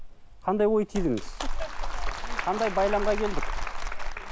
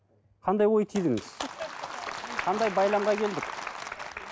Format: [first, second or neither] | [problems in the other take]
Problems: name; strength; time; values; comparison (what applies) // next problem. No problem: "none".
second | background sound (Fire); 1 dB below the speech